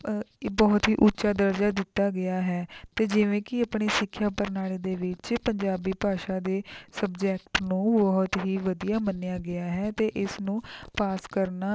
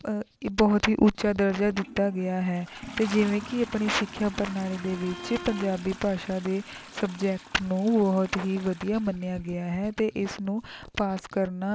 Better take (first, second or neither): first